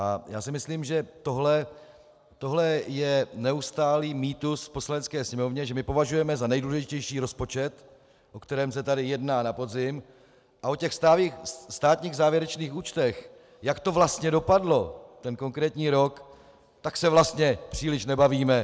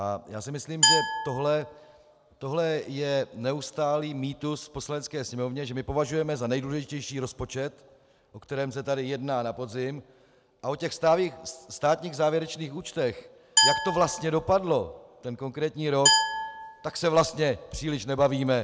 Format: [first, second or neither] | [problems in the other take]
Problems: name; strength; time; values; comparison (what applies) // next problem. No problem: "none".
first | background sound (Glass); 1 dB above the speech